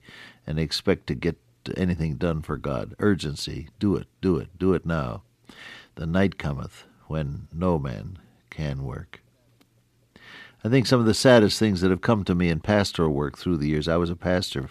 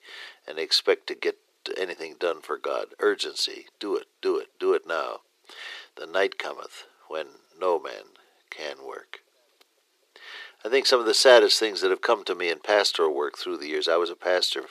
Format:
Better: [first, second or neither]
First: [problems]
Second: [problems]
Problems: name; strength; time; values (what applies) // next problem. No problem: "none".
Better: first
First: none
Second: thin; very; fading below 400 Hz